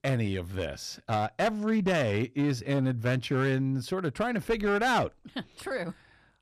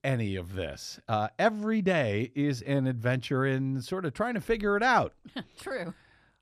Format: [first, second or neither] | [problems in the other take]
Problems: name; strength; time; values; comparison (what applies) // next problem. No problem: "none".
second | distortion; slight; 8% of the sound clipped